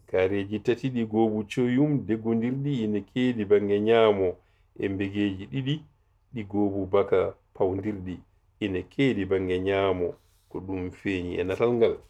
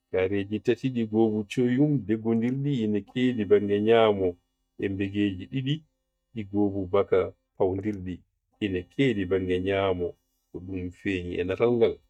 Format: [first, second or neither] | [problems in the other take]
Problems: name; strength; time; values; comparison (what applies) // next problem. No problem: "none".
first | noise reduction (neural mask model DeepFilterNet 3)